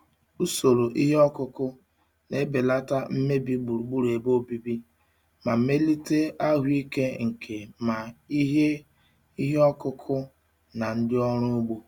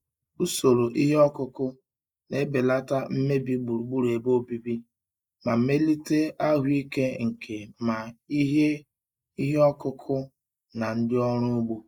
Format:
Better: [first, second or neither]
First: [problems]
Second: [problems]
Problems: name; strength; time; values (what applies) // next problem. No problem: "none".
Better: first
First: none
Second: noise reduction (neural mask model Resemble Enhance denoiser)